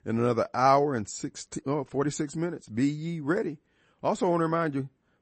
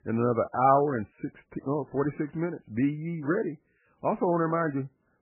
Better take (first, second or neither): first